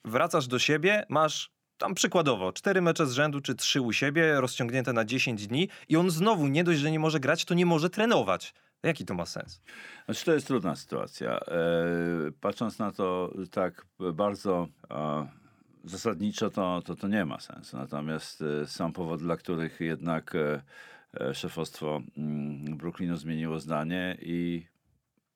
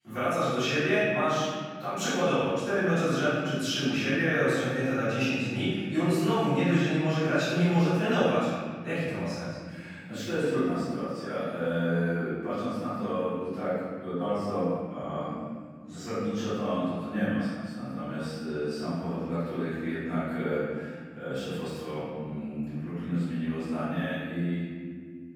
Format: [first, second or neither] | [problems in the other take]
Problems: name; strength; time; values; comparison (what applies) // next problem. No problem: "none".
first | off-mic speech; far // room echo; strong; dies away in 2 s